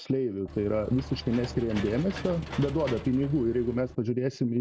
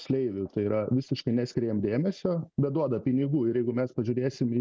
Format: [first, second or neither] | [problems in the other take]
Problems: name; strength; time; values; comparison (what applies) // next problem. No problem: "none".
second | background sound (Engine / Mechanisms); 12 dB below the speech